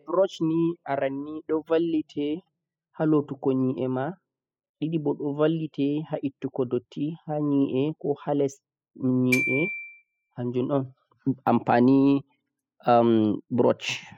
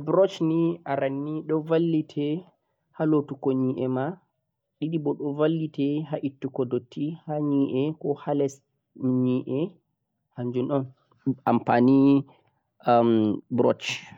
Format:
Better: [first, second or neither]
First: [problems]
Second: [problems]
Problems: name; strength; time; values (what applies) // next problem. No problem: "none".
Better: second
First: noise reduction (classical method spectral subtraction)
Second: none